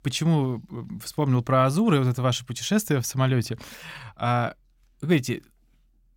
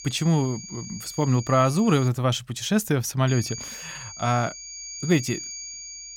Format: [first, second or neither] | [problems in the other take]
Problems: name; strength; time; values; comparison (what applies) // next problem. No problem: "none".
first | high-pitched whine; noticeable; until 2 s and from 3.5 s on; 6.5 kHz, 10 dB below the speech